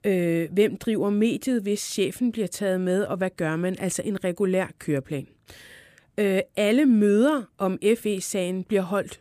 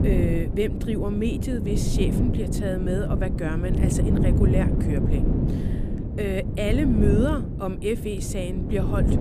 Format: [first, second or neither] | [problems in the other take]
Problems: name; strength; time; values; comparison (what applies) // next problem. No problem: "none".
first | wind noise on the microphone; heavy; 3 dB below the speech